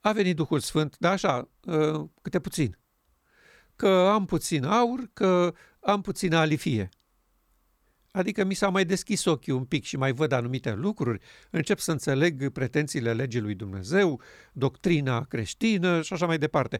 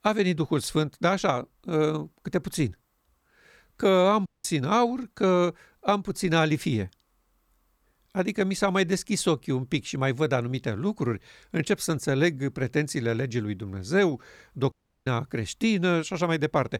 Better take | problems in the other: first | audio cutting out; at 4.5 s and at 15 s

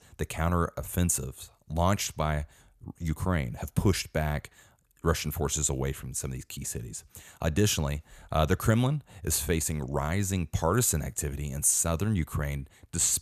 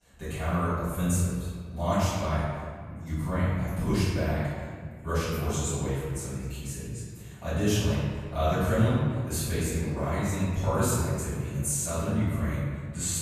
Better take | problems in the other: first | room echo; strong; dies away in 1.8 s // off-mic speech; far

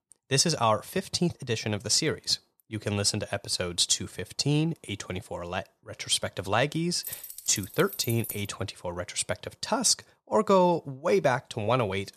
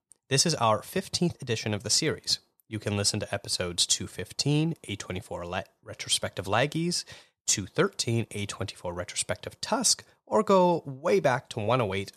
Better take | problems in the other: second | jangling keys; noticeable; from 7 to 8.5 s; peak 9 dB below the speech

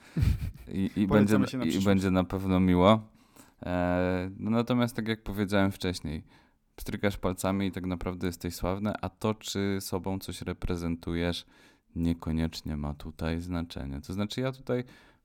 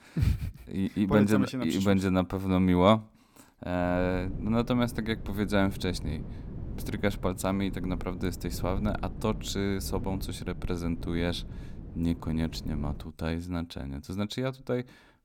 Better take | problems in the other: first | wind noise on the microphone; occasional gusts; from 4 to 13 s; 20 dB below the speech

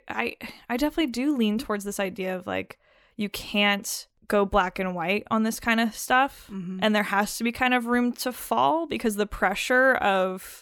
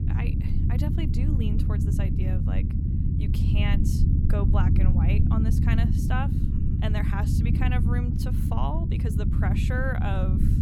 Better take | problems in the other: first | low rumble; loud; throughout; 1 dB below the speech

